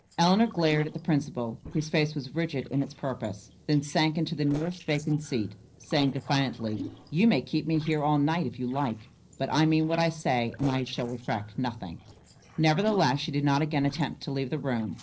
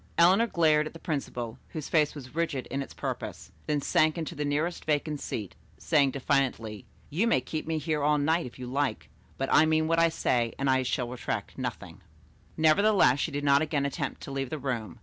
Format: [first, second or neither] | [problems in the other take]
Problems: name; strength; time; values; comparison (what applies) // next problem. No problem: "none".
second | noise reduction (neural separator model SepFormer DNS4)